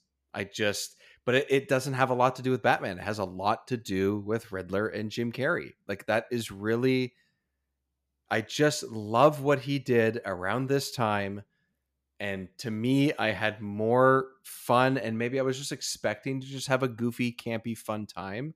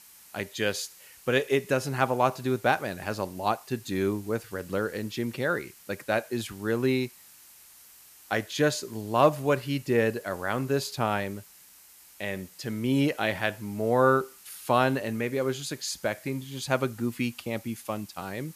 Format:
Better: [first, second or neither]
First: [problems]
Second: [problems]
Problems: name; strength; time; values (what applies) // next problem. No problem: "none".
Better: first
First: none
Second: hiss; faint; throughout; 20 dB below the speech